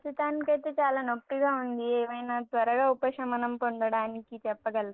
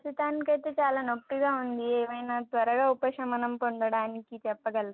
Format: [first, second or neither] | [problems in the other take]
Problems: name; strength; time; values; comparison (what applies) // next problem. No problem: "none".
second | noise reduction (neural mask model Resemble Enhance denoiser)